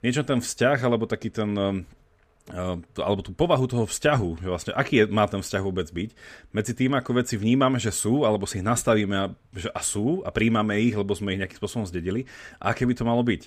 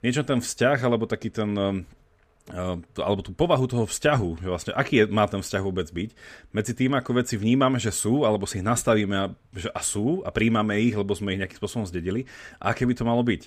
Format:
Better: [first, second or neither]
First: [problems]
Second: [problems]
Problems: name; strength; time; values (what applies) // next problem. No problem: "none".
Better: neither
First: none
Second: none